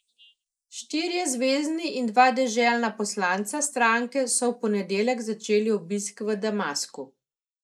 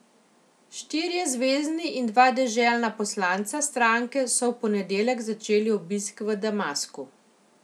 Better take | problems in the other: second | noise reduction (neural mask model Resemble Enhance denoiser)

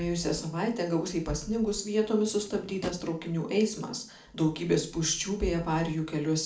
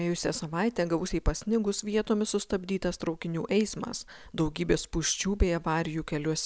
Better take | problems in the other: second | background sound (Drawer open or close); 17 dB below the speech // room echo; dies away in 0.4 s

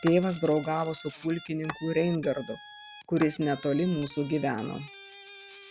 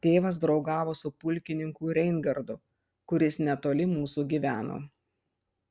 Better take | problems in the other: second | background sound (Guitar + Tap / Glass); 16 dB below the speech

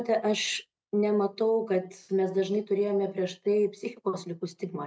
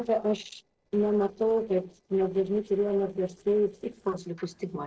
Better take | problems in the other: first | noise reduction (neural separator model SepFormer DNS4)

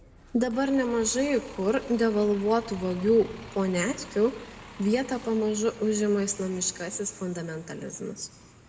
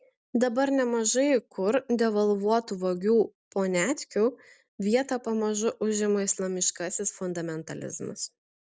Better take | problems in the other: second | background sound (Bus); 19 dB below the speech // room echo; dies away in 1 s

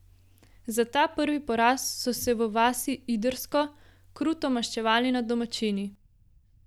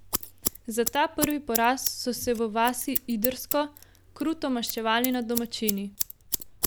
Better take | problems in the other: first | background sound (Scissors); 6 dB below the speech

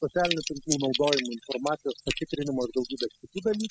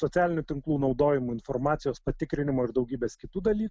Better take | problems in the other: second | noise reduction (classical method spectral subtraction)

